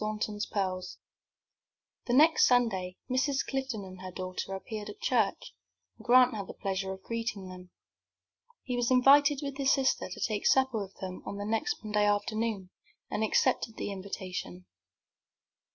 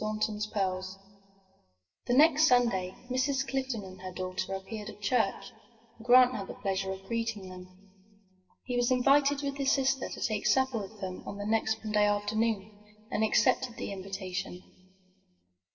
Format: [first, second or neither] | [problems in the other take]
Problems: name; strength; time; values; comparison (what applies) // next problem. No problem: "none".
first | room echo; dies away in 2.4 s